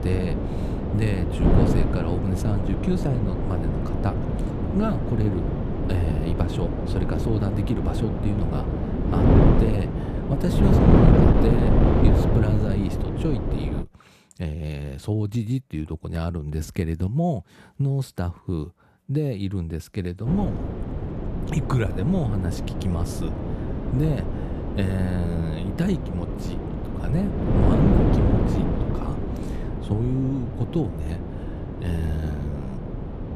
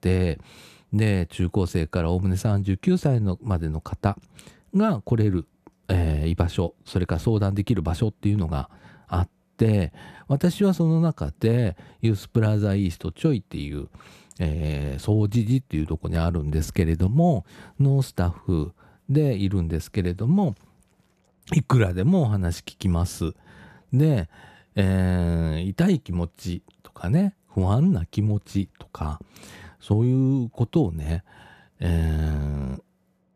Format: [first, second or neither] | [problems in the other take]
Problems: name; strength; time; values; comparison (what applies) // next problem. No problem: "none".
second | wind noise on the microphone; heavy; until 14 s and from 20 s on; 3 dB above the speech